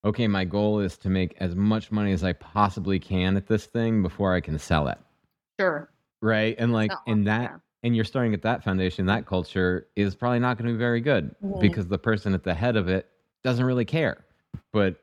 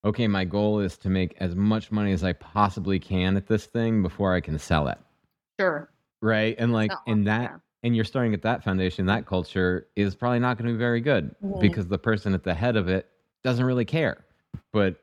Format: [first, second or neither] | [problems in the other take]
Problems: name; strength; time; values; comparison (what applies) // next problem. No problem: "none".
neither | none